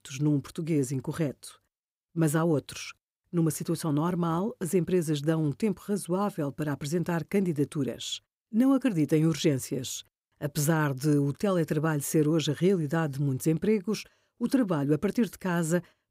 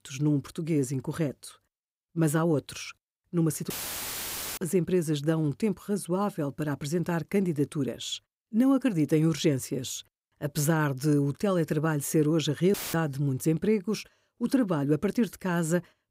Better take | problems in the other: first | audio cutting out; filled with static; at 3.5 s for 1 s and at 13 s

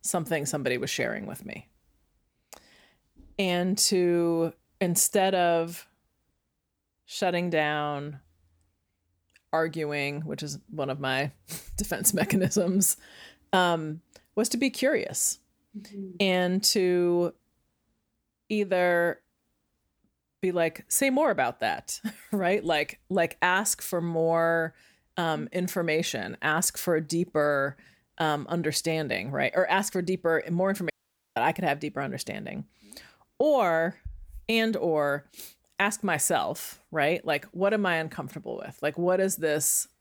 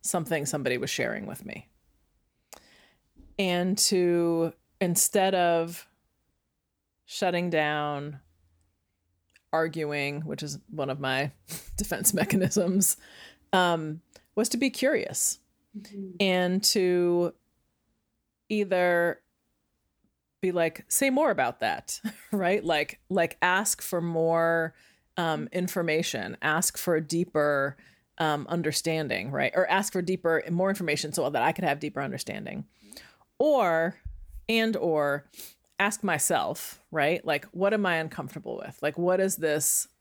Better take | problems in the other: second | audio cutting out; at 31 s

